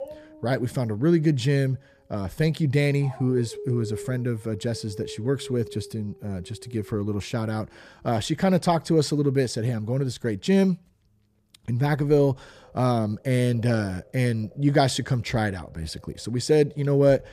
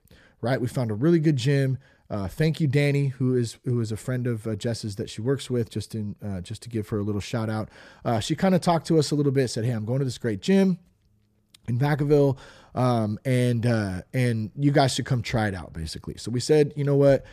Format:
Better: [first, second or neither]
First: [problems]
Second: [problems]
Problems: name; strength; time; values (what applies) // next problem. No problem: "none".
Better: second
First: animal sounds; noticeable; throughout; 20 dB below the speech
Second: none